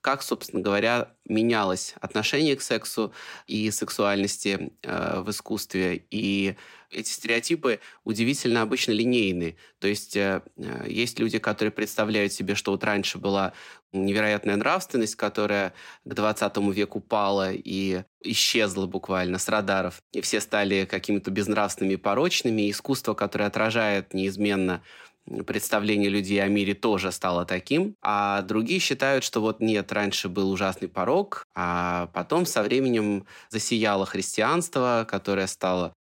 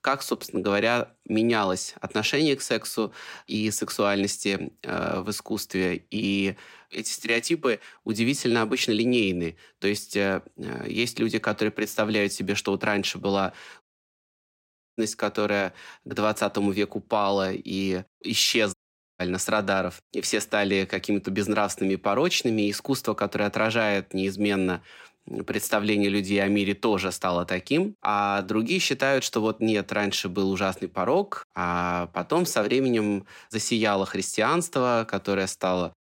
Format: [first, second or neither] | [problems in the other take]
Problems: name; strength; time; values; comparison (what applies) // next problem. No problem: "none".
first | audio cutting out; at 14 s for 1 s and at 19 s